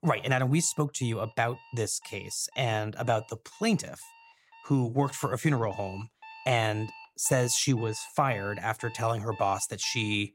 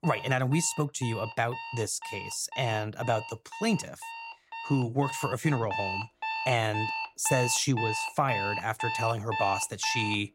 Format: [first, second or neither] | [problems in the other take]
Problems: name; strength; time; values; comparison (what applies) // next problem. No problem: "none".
first | alarms or sirens; loud; throughout; 5 dB below the speech; faint in the first